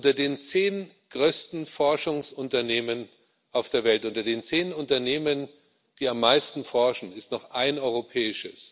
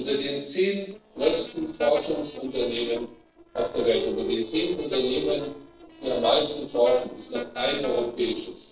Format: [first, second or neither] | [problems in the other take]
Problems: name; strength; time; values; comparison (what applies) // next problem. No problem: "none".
first | noise reduction (neural separator model SepFormer DNS4)